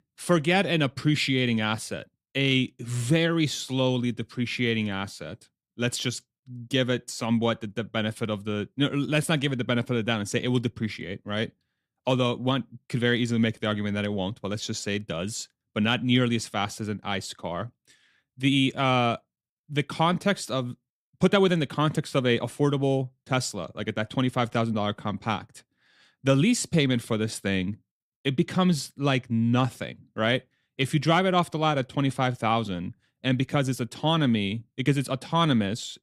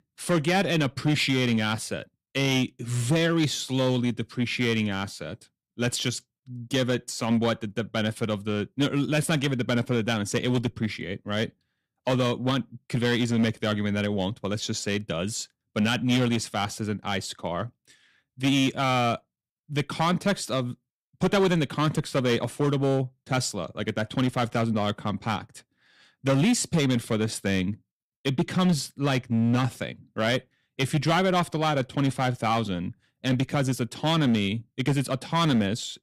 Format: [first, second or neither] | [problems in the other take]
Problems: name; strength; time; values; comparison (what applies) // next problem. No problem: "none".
first | distortion; slight; 5% of the sound clipped